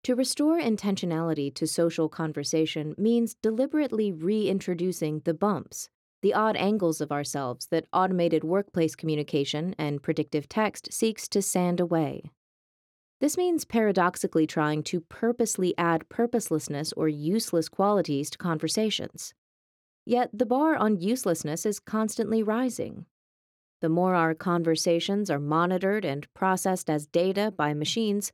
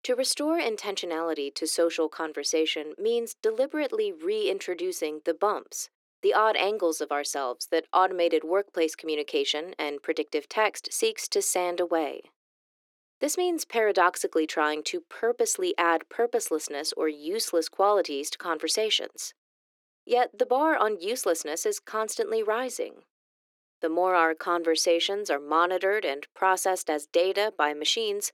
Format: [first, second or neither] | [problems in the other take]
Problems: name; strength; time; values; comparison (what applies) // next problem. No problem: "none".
first | thin; very; fading below 350 Hz